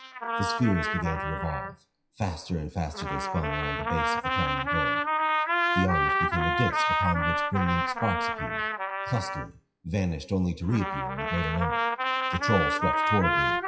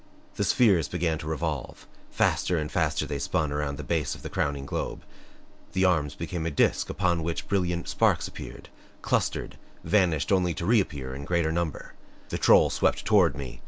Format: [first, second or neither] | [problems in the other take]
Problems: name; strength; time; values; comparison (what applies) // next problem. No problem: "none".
second | noise reduction (classical method WPE with log-MMSE)